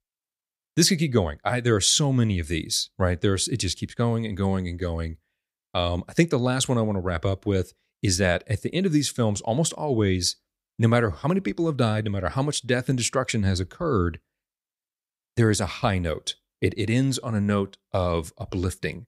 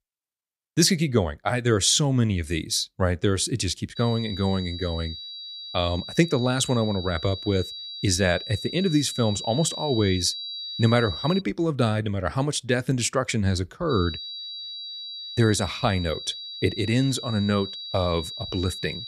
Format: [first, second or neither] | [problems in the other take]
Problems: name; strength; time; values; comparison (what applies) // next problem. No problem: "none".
first | high-pitched whine; loud; from 4 to 11 s and from 14 s on; 4 kHz, 9 dB below the speech